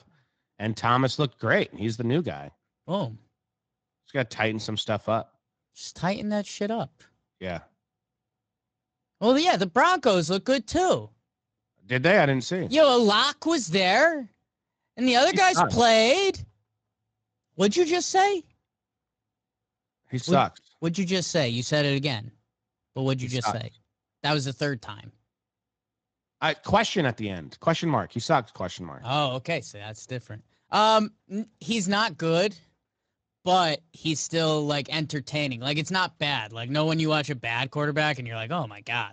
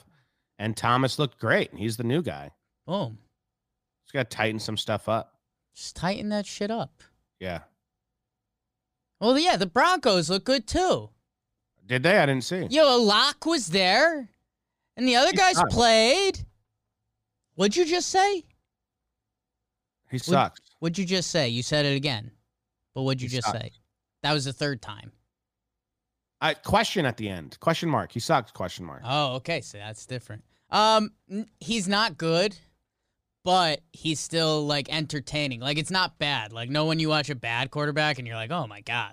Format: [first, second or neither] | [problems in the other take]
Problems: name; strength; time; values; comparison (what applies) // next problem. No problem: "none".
second | garbled, watery; slightly; nothing above 7.5 kHz